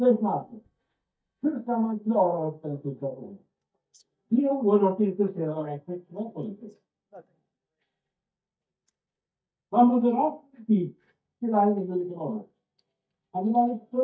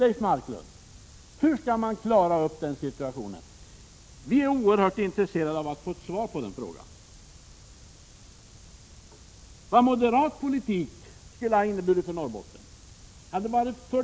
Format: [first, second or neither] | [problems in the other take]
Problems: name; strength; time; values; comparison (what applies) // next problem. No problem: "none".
second | noise reduction (neural mask model DeepFilterNet 3)